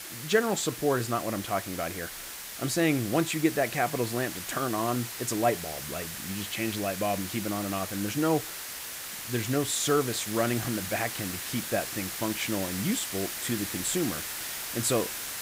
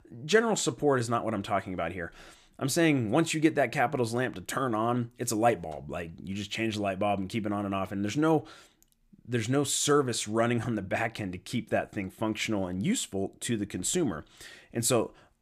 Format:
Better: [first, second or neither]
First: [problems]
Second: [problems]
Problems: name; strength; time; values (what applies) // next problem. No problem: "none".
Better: second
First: hiss; loud; throughout; 5 dB below the speech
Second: none